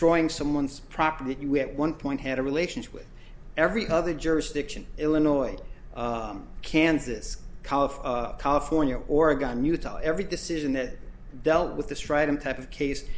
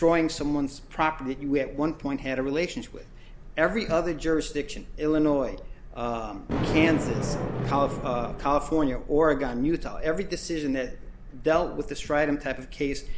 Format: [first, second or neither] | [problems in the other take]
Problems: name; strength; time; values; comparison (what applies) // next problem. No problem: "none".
first | background sound (Thunder); 11 dB below the speech